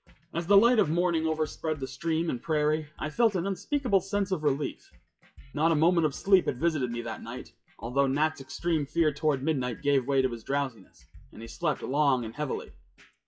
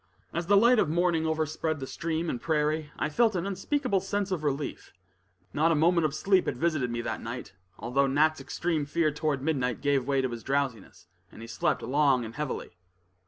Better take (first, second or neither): second